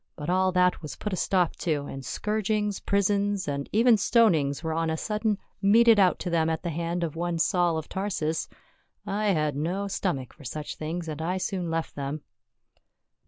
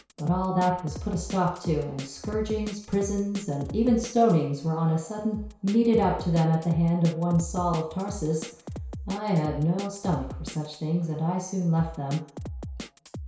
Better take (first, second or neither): first